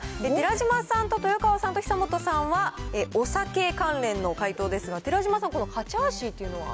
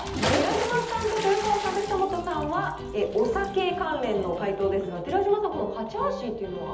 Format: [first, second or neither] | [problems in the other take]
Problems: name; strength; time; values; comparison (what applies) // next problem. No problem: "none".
first | background sound (Bathtub (filling or washing) / Splash, splatter); 11 dB below the speech // room echo; dies away in 1.2 s